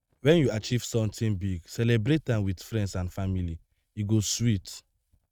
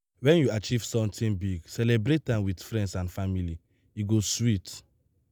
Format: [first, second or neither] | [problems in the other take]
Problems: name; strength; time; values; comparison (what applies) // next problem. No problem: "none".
second | noise reduction (neural mask model RNNoise)